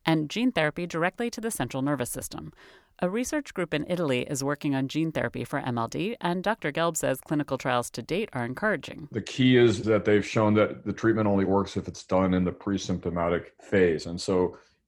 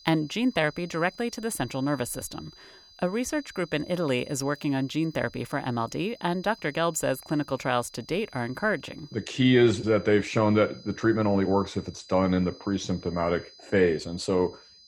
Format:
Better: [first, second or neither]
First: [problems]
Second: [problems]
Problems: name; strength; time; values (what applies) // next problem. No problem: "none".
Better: first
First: none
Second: high-pitched whine; faint; throughout; 5 kHz, 20 dB below the speech